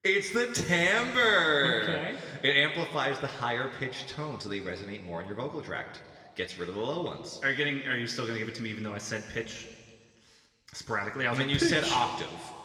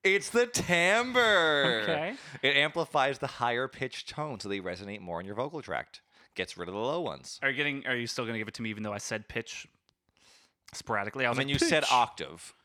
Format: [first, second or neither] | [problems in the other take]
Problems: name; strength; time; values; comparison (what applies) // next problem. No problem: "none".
second | room echo; slight; dies away in 1.8 s